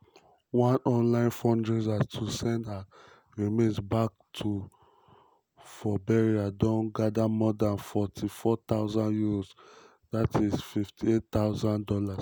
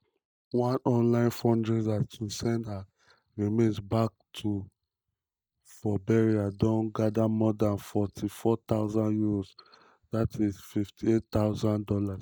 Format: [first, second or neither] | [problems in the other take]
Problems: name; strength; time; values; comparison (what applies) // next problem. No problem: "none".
first | noise reduction (neural mask model DeepFilterNet 3)